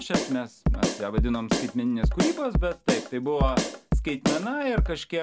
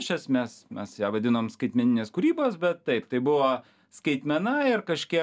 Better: second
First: background sound (Drum kit); 2 dB above the speech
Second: none

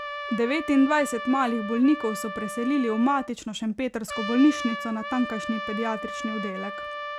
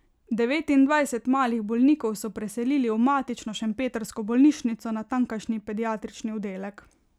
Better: second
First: background sound (Trumpet); 9 dB below the speech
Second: none

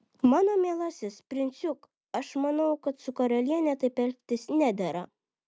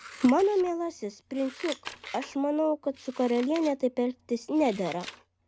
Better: first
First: none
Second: background sound (Scissors); 18 dB below the speech

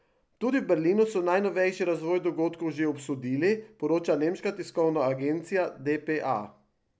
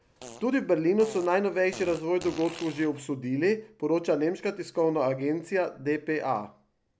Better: first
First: none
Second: background sound (Fart); 18 dB below the speech

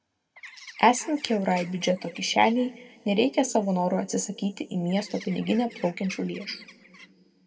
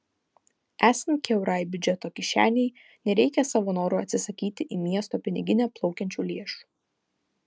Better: second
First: background sound (Bird); 19 dB below the speech // room echo; dies away in 1.4 s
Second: none

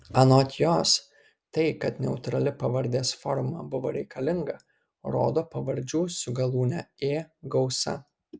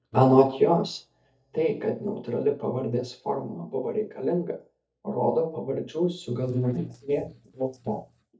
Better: first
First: none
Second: noise reduction (neural mask model DeepFilterNet 3)

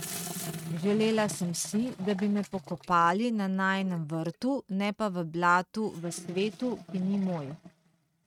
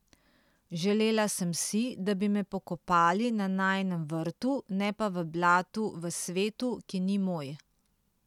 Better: second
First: noise reduction (neural mask model RNNoise)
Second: none

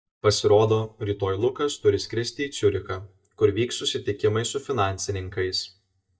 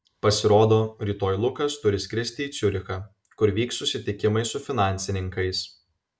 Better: second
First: noise reduction (neural mask model DeepFilterNet 3)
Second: none

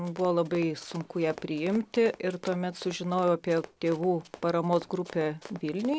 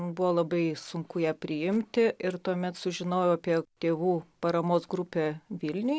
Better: second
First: background sound (Run); 19 dB below the speech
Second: none

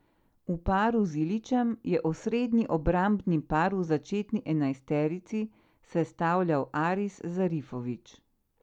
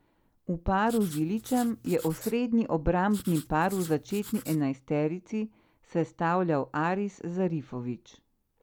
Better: first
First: none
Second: background sound (Writing); 17 dB below the speech

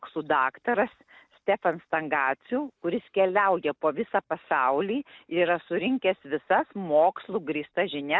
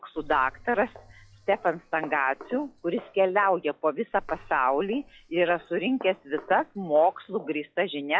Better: first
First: none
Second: noise reduction (classical method log-MMSE)

